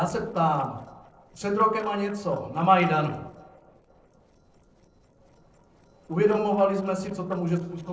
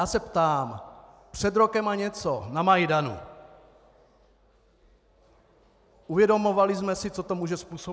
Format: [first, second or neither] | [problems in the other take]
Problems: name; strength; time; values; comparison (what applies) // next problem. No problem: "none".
second | noise reduction (neural separator model SepFormer DNS4)